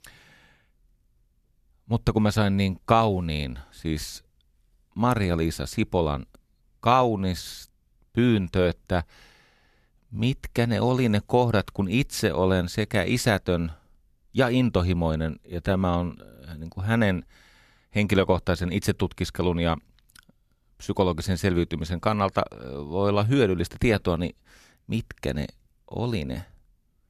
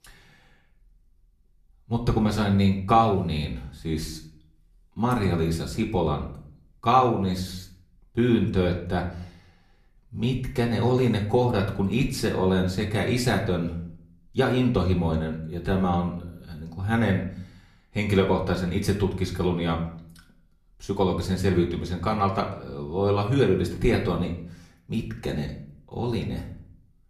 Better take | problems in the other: first | room echo; slight; dies away in 0.5 s // off-mic speech; far

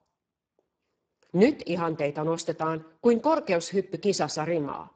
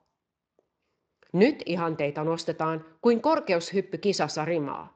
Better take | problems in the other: second | garbled, watery; badly; nothing above 7.5 kHz; slightly in the second

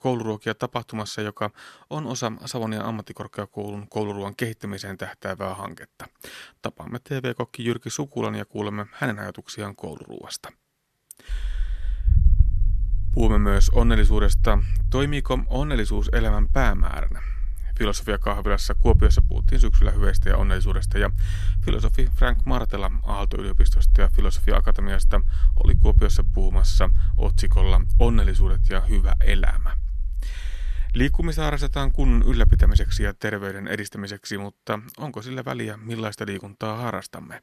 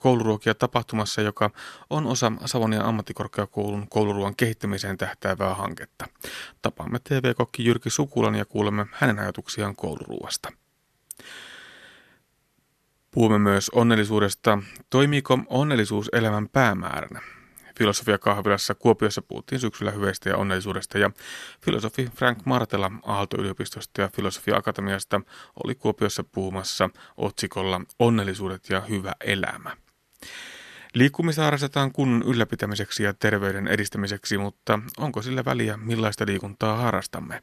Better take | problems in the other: second | low rumble; noticeable; from 11 to 33 s; 15 dB below the speech

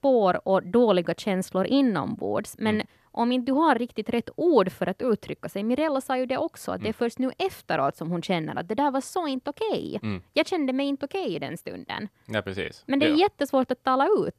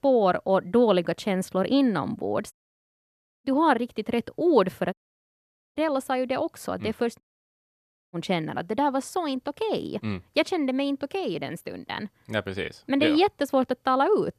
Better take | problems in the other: first | audio cutting out; at 2.5 s for 1 s, at 5 s for 1 s and at 7 s for 1 s

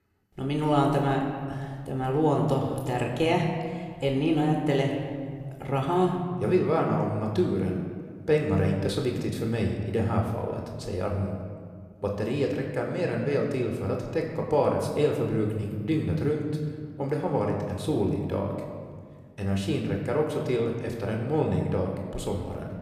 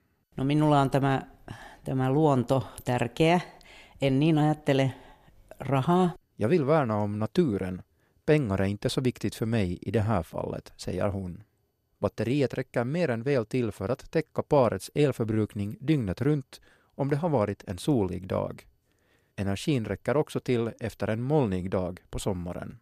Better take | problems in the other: second | room echo; slight; dies away in 1.6 s

